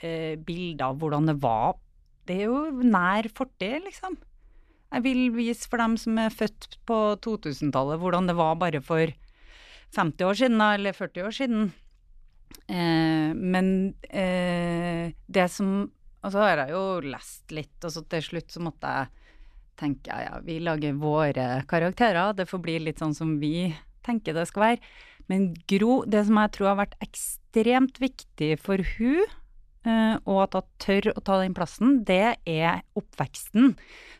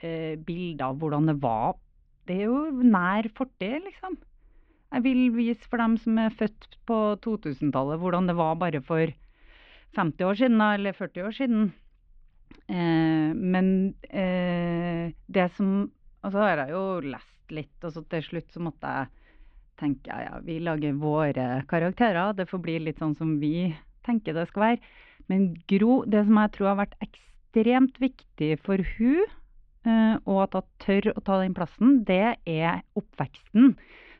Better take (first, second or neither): first